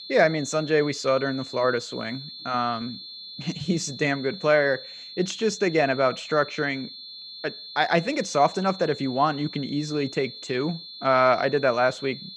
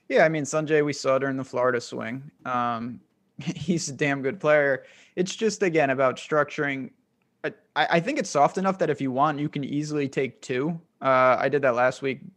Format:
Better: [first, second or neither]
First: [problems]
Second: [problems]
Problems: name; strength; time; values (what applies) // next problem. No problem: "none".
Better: second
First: high-pitched whine; noticeable; throughout; 4 kHz, 15 dB below the speech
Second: none